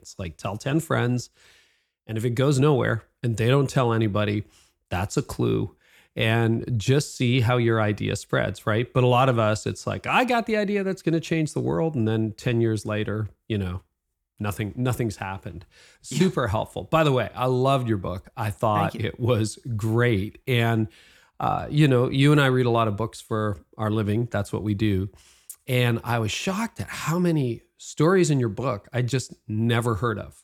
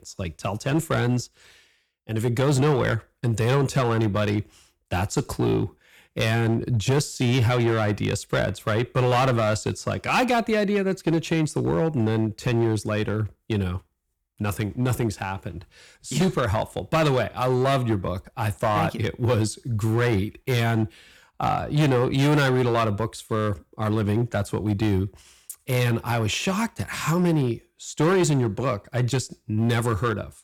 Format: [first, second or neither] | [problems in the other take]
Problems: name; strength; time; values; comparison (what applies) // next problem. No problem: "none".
first | distortion; slight; 8% of the sound clipped